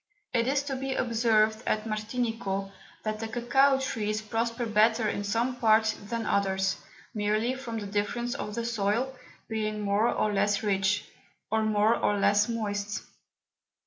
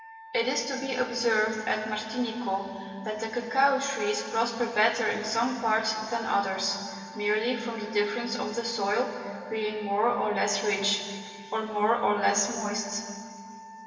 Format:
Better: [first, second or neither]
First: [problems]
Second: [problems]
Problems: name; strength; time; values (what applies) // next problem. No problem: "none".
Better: first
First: none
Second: background sound (Wind instrument, woodwind instrument); 18 dB below the speech // room echo; dies away in 2.6 s